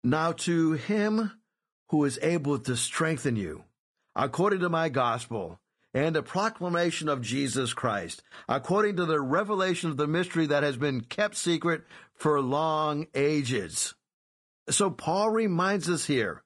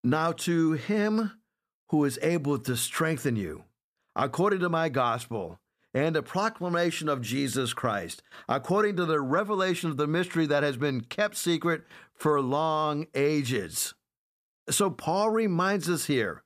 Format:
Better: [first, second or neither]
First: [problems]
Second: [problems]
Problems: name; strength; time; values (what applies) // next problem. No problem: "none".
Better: second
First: garbled, watery; slightly; nothing above 10.5 kHz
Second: none